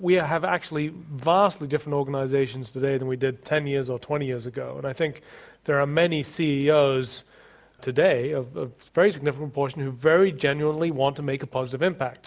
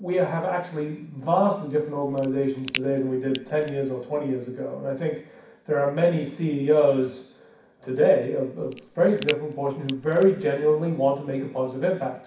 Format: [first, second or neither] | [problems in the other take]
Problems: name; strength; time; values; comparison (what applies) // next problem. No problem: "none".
first | background sound (Crack); 14 dB below the speech // room echo; dies away in 0.6 s